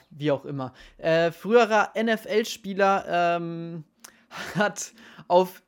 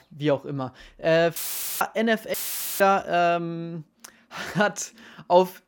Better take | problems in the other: first | audio cutting out; filled with static; at 1.5 s and at 2.5 s

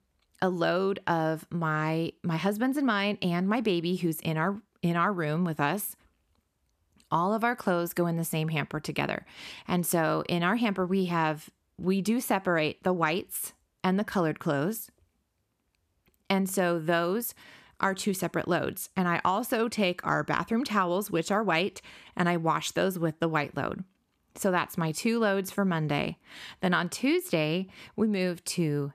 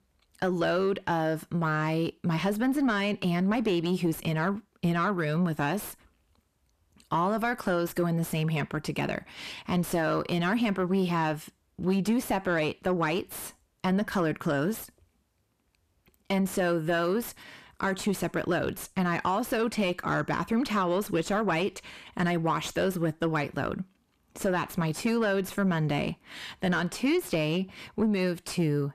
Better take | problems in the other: first | distortion; slight; 9 dB below the speech

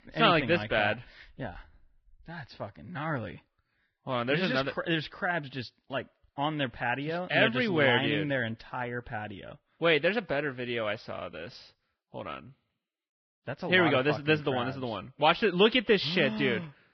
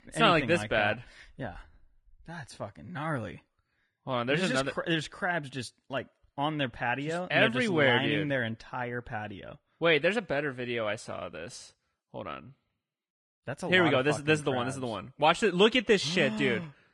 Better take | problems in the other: second | garbled, watery; badly; nothing above 5 kHz; slightly in the second

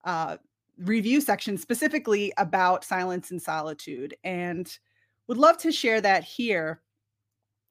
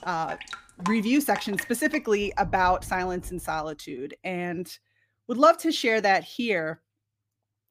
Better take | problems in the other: first | rain or running water; noticeable; until 3.5 s; 15 dB below the speech

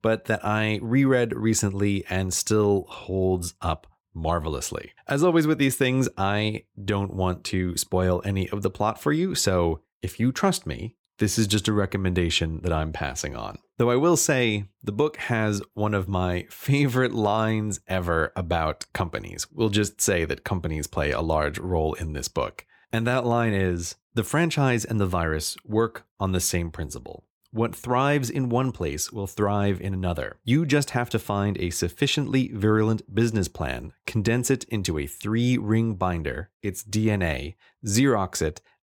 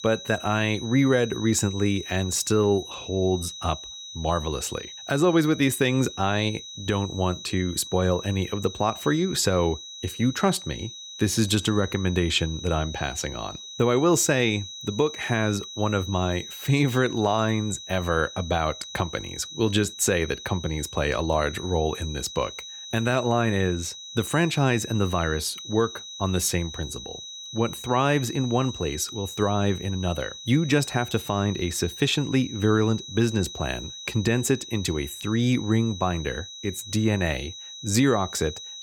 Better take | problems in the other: first | high-pitched whine; noticeable; throughout; 4 kHz, 10 dB below the speech

